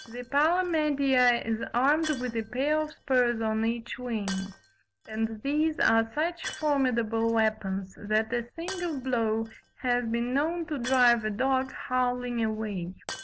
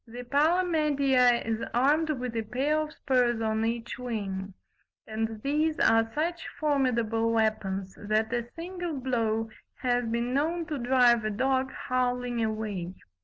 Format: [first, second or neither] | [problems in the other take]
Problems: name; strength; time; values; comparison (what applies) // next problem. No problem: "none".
second | background sound (Shatter); 19 dB below the speech